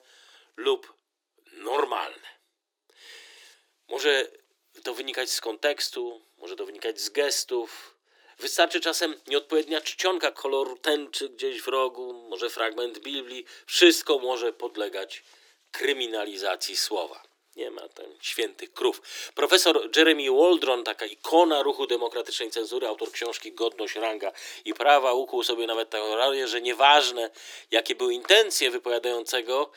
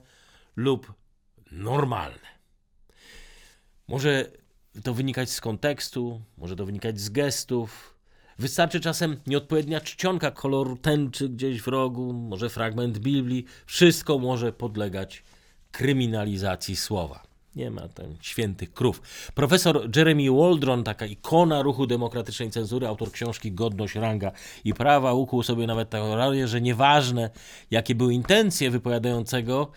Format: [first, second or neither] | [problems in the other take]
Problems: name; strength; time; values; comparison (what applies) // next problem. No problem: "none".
second | thin; very; fading below 300 Hz